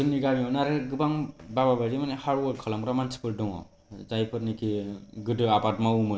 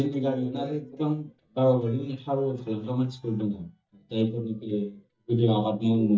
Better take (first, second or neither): first